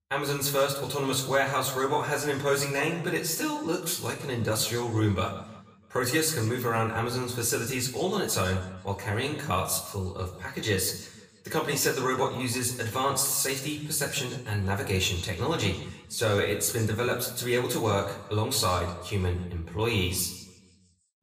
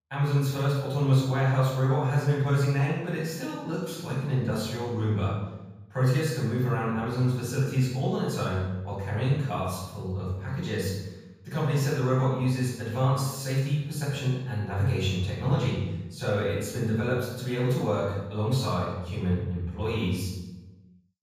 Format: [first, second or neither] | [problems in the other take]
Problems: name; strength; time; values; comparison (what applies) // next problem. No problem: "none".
first | room echo; strong; dies away in 1.3 s; slight in the first // off-mic speech; far; far in the first